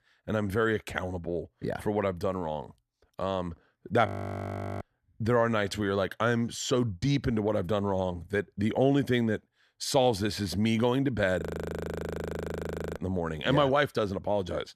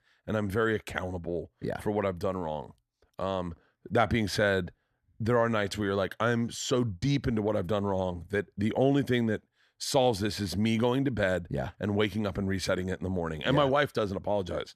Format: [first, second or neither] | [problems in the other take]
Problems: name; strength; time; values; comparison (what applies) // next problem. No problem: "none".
second | audio freezing; at 4 s for 0.5 s and at 11 s for 1.5 s